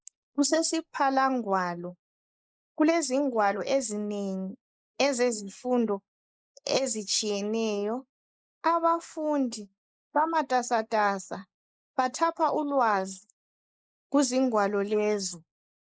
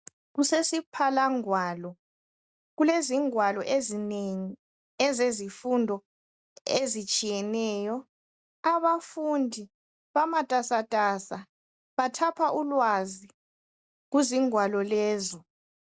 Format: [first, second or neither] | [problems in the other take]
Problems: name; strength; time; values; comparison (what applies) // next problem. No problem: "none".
second | noise reduction (neural mask model Resemble Enhance denoiser)